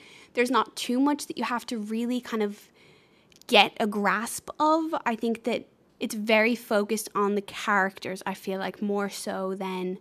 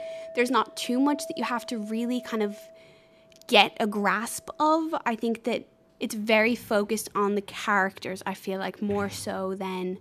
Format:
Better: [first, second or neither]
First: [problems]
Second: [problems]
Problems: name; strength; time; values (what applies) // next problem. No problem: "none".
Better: first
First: none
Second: household noises; noticeable; throughout; 20 dB below the speech